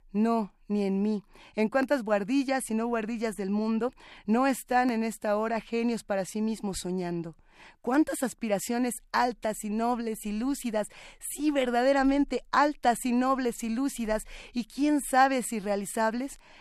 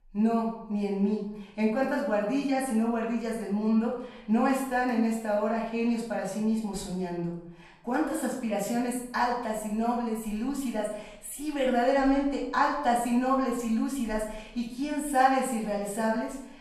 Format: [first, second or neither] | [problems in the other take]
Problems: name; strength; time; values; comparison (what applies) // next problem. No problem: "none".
first | room echo; noticeable; dies away in 0.7 s // off-mic speech; far